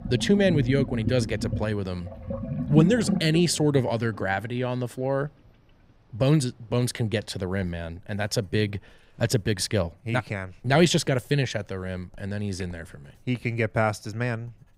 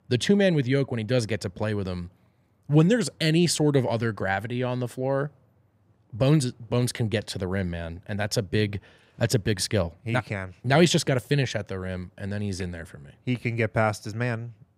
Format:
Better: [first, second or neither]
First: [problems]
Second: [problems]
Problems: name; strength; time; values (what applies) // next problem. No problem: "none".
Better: second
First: household noises; loud; throughout; 5 dB below the speech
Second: none